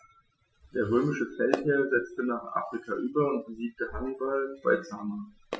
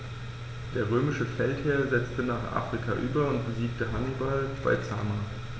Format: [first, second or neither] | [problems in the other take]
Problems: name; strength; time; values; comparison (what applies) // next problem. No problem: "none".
second | noise reduction (classical method Wiener filter)